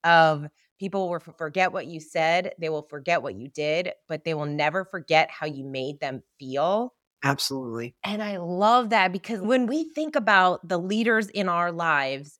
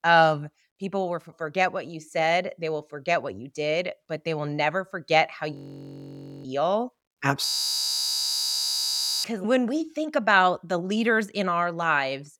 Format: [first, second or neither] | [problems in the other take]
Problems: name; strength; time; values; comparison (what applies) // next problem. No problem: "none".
first | audio freezing; at 5.5 s for 1 s and at 7.5 s for 2 s